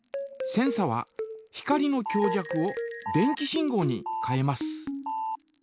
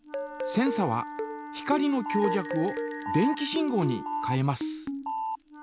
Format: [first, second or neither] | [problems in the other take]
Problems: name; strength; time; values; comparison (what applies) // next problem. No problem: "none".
first | background sound (Wind instrument, woodwind instrument); 13 dB below the speech